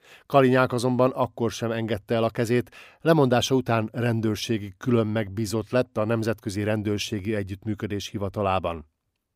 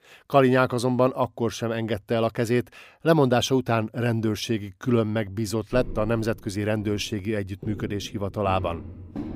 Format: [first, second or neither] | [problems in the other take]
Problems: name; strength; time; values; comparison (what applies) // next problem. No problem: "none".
first | footsteps; noticeable; from 5.5 s on; peak 10 dB below the speech